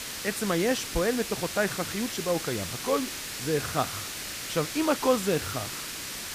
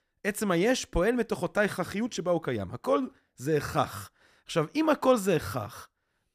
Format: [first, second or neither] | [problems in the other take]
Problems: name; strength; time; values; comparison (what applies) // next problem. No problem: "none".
second | hiss; loud; throughout; 5 dB below the speech